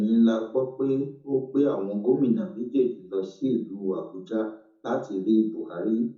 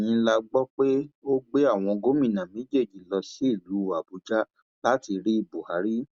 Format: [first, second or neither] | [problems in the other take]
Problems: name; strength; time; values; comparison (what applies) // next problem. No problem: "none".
second | room echo; dies away in 0.6 s